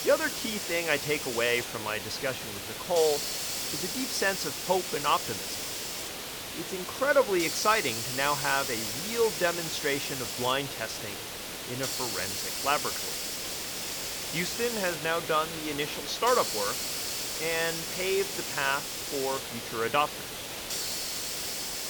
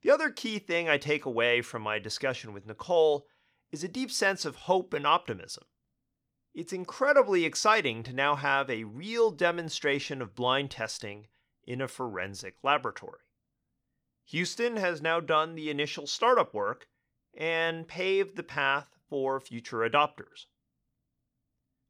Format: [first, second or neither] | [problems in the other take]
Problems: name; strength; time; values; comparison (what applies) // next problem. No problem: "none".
second | hiss; loud; throughout; 2 dB below the speech